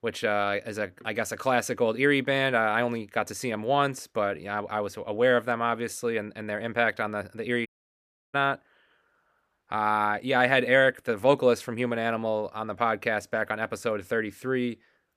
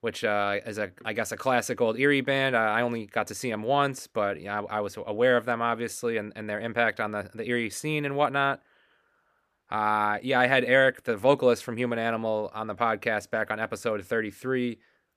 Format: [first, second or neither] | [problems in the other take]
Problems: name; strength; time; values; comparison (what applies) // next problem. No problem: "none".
second | audio cutting out; at 7.5 s for 0.5 s